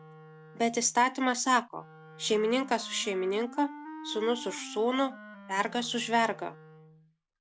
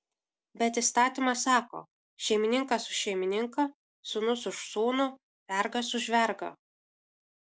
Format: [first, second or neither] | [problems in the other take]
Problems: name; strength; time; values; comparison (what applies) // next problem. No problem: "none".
second | background sound (Wind instrument, woodwind instrument); 17 dB below the speech